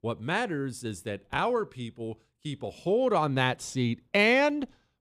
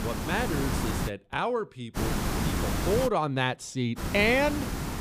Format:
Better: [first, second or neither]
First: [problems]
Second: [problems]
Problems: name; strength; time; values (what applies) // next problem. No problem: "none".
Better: first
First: none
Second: hiss; loud; until 1 s, from 2 to 3 s and from 4 s on; 3 dB below the speech